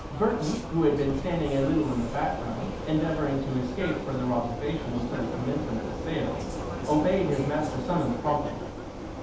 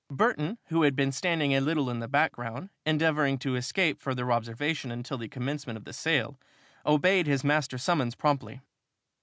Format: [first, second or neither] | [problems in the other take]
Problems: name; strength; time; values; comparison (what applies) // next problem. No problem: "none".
second | background sound (Vehicle); 6 dB below the speech // room echo; dies away in 0.8 s